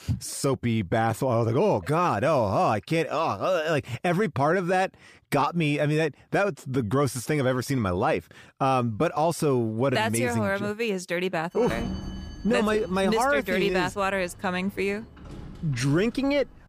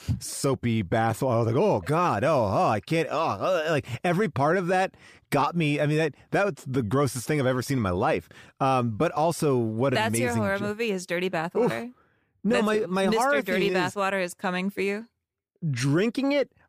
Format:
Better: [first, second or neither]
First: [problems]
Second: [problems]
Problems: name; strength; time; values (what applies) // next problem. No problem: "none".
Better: second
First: door banging; noticeable; from 12 s on; peak 8 dB below the speech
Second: none